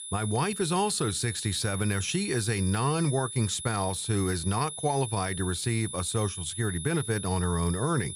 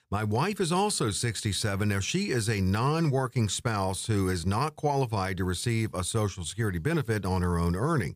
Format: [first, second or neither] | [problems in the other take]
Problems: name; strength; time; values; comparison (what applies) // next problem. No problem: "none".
second | high-pitched whine; loud; throughout; 10 kHz, 7 dB below the speech